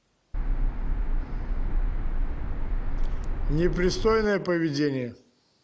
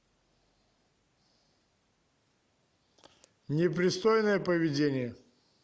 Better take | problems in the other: second | background sound (Car); 4 dB above the speech

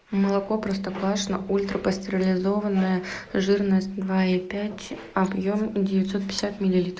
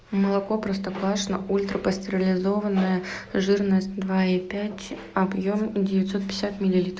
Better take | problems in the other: second | noise reduction (neural mask model Resemble Enhance denoiser)

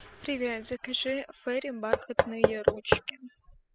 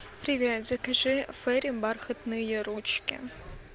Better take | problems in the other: second | noise reduction (classical method spectral subtraction)

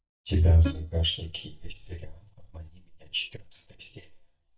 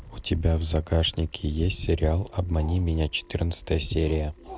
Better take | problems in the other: second | noise reduction (neural mask model DeepFilterNet 3)

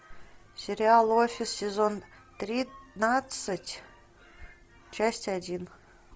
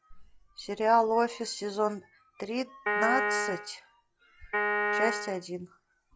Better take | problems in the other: first | noise reduction (classical method log-MMSE)

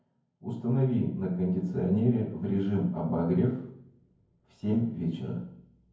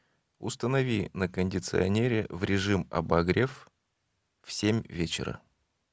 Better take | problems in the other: second | room echo; dies away in 0.9 s

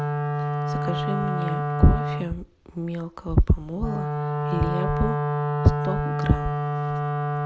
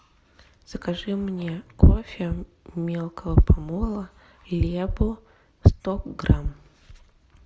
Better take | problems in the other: second | background sound (Wind instrument, woodwind instrument); 1 dB below the speech

